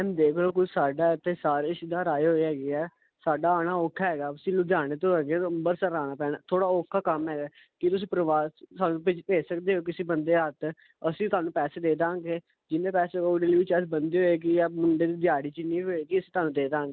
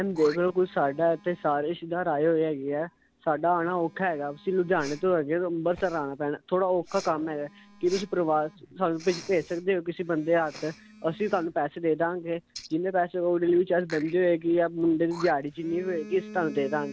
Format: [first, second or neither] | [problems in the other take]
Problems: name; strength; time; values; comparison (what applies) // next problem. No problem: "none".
first | background sound (Respiratory sounds + Telephone); 19 dB below the speech